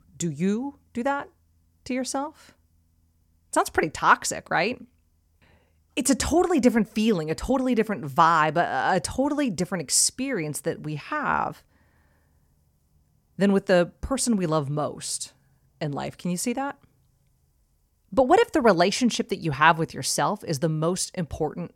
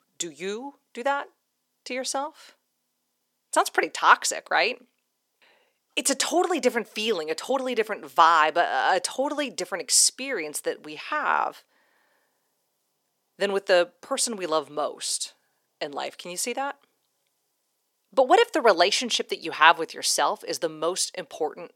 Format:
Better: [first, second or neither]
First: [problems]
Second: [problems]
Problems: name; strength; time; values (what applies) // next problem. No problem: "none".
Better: first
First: none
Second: thin; somewhat; fading below 400 Hz